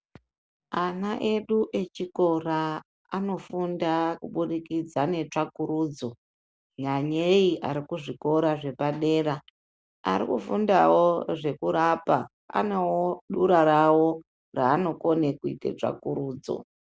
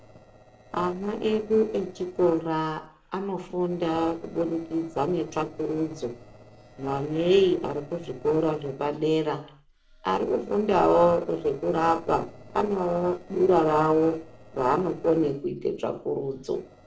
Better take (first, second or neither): first